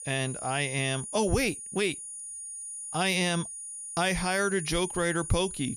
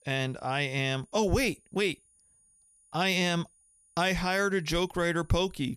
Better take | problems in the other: second | high-pitched whine; loud; throughout; 9.5 kHz, 8 dB below the speech; faint in the second

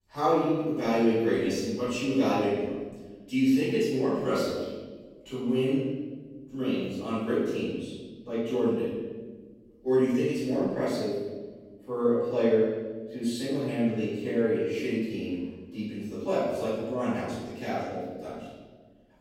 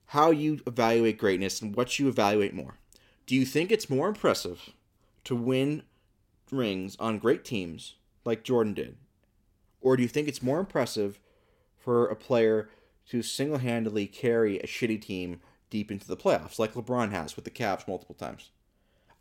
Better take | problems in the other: second | off-mic speech; far // room echo; strong; dies away in 1.3 s

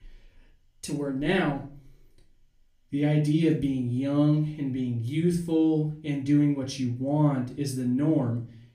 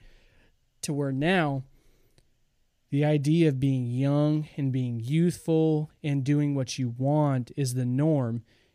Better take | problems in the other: second | off-mic speech; far // room echo; slight; dies away in 0.3 s

